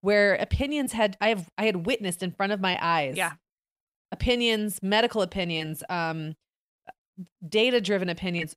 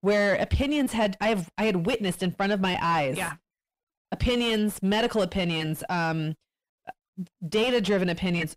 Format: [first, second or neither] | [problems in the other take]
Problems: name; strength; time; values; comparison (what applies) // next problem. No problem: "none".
first | distortion; heavy; 7 dB below the speech